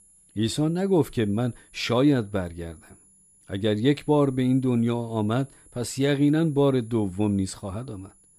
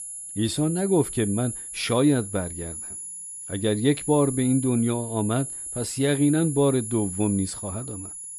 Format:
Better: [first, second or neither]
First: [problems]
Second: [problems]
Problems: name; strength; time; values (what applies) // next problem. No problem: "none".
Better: first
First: high-pitched whine; faint; throughout; 10.5 kHz, 30 dB below the speech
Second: high-pitched whine; loud; throughout; 10.5 kHz, 8 dB below the speech